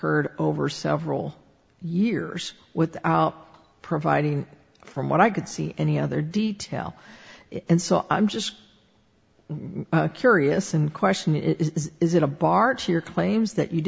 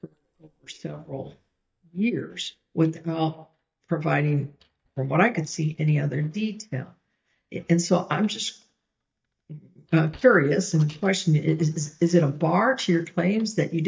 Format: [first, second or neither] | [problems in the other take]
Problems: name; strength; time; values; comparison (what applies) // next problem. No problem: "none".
first | noise reduction (neural mask model DeepFilterNet 3)